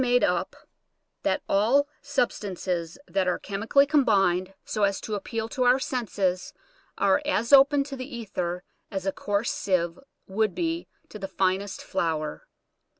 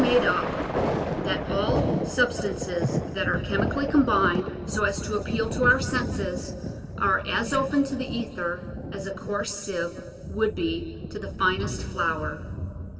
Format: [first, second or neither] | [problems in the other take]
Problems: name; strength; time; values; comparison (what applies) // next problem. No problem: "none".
first | background sound (Thunder); 3 dB below the speech // room echo; dies away in 1.8 s